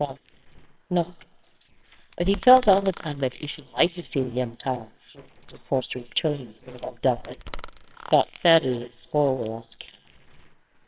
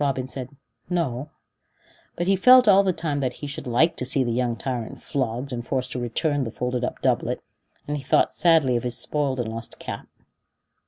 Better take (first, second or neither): second